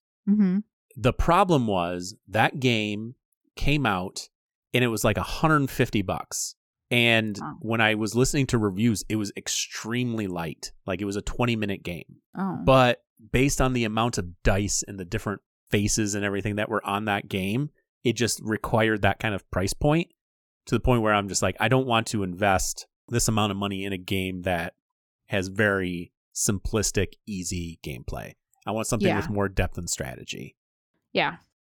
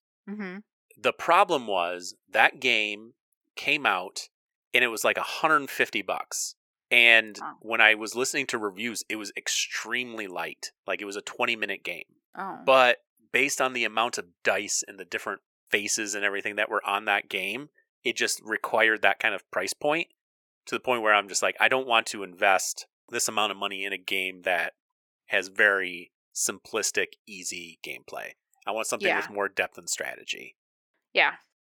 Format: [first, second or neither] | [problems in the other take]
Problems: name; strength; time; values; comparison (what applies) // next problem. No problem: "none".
first | thin; very; fading below 500 Hz